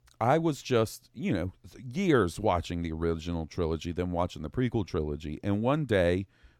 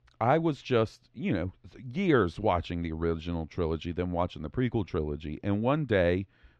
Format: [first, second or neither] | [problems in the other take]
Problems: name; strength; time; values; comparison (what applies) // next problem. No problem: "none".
first | muffled; slightly; fading above 3 kHz